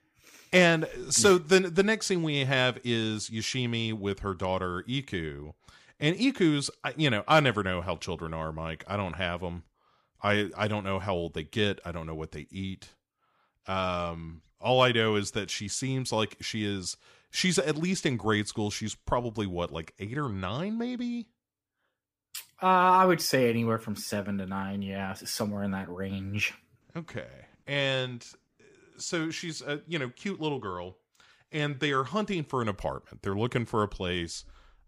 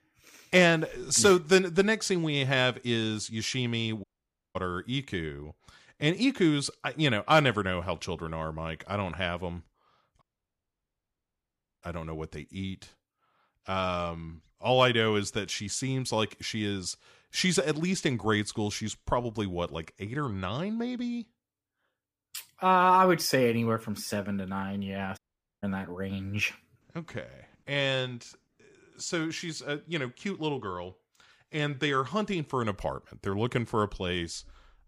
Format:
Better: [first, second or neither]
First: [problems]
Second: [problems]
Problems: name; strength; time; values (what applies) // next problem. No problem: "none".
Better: first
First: none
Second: audio cutting out; at 4 s for 0.5 s, at 10 s for 1.5 s and at 25 s